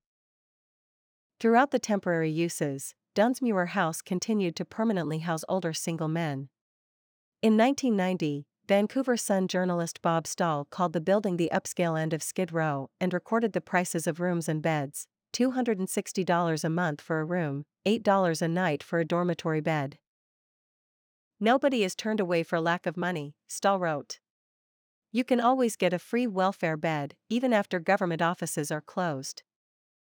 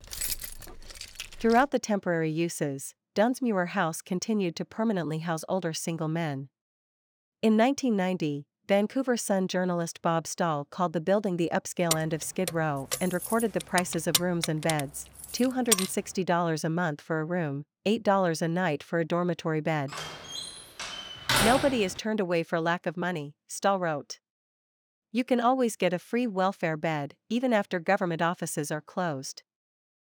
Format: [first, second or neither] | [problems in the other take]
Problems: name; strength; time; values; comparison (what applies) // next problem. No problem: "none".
first | jangling keys; noticeable; until 1.5 s; peak 2 dB below the speech // jangling keys; loud; from 12 to 16 s; peak 2 dB above the speech // door banging; loud; from 20 to 22 s; peak 4 dB above the speech